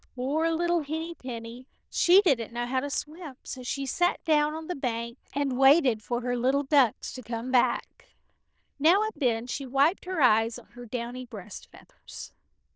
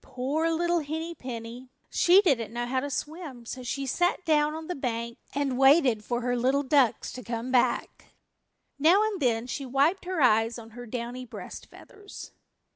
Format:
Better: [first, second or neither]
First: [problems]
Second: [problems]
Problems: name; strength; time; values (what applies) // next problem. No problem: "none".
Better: second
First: noise reduction (neural diffusion model UNIVERSE++)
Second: none